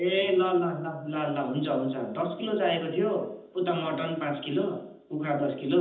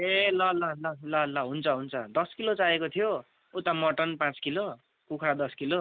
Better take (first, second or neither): second